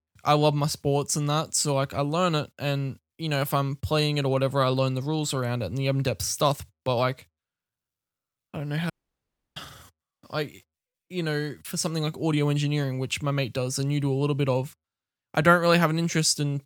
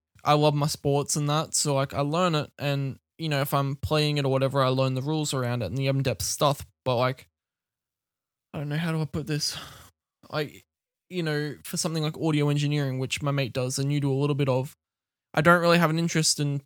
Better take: second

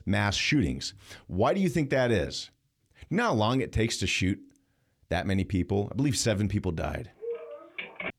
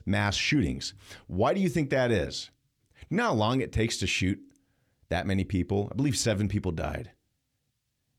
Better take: second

